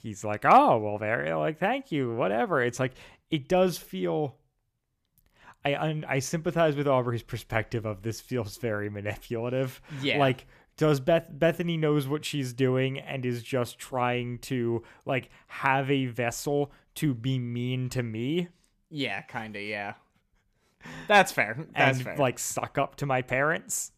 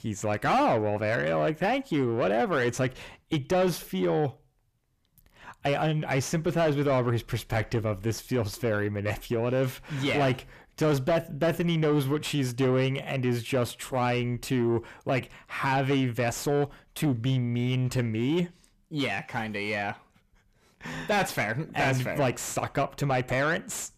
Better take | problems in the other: first | distortion; heavy; 6 dB below the speech

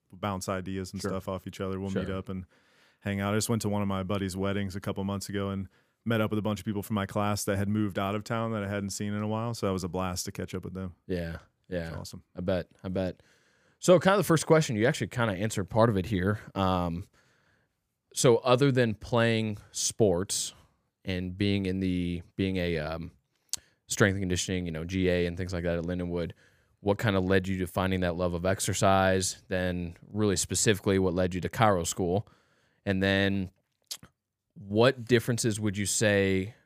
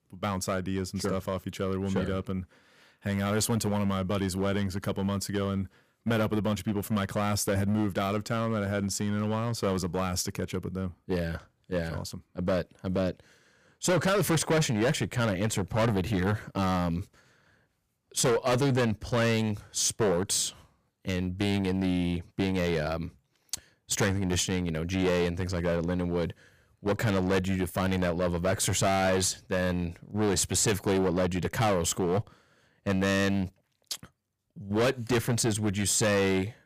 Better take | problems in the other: first | distortion; heavy; 10% of the sound clipped

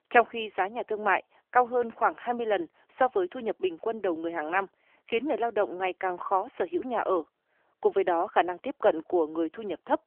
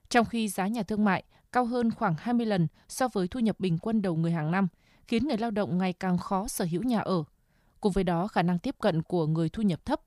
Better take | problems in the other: second | phone-call audio; nothing above 3 kHz

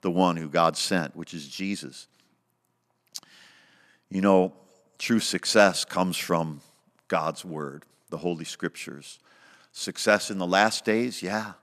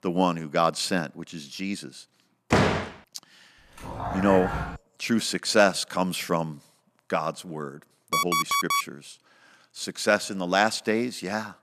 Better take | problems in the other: first | door banging; loud; at 2.5 s; peak 4 dB above the speech // dog barking; noticeable; at 4 s; peak 4 dB below the speech // alarm; loud; at 8 s; peak 2 dB above the speech

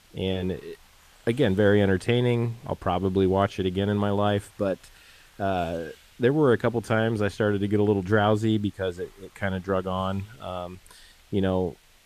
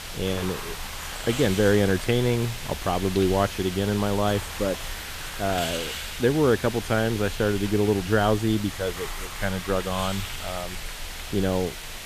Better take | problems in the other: first | hiss; loud; throughout; 8 dB below the speech; faint in the first

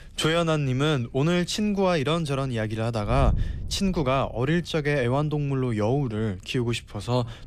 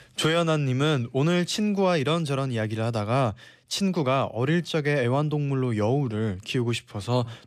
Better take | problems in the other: second | wind noise on the microphone; occasional gusts; 25 dB below the speech

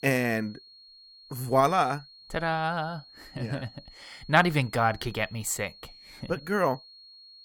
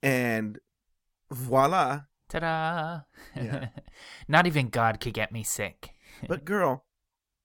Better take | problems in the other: second | high-pitched whine; faint; throughout; 4.5 kHz, 20 dB below the speech

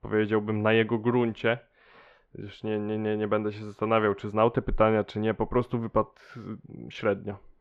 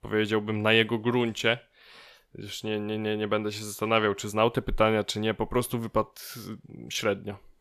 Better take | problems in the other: second | muffled; very; fading above 1.5 kHz

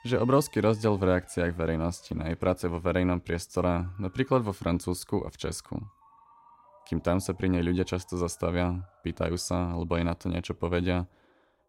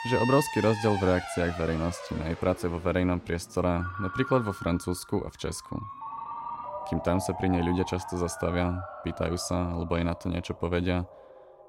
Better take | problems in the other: first | alarms or sirens; loud; throughout; 9 dB below the speech; faint in the first

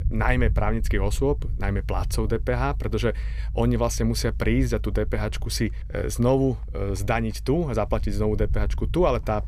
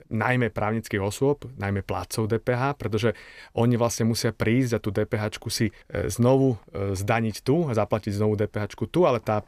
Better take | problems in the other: second | low rumble; faint; throughout; 20 dB below the speech

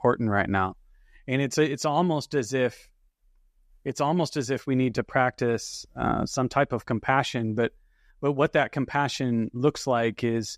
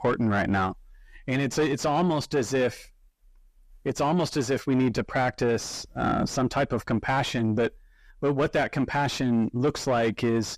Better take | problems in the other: first | distortion; heavy; 6 dB below the speech

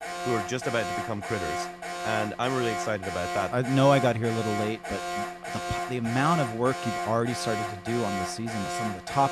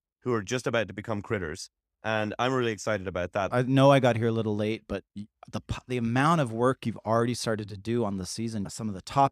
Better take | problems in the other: second | alarm; noticeable; peak 3 dB below the speech

